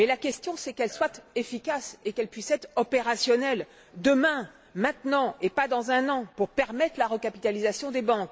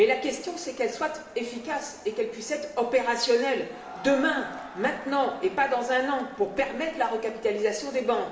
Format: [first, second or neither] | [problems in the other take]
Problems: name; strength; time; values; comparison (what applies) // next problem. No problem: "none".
first | background sound (Crowd); 19 dB below the speech // room echo; dies away in 1 s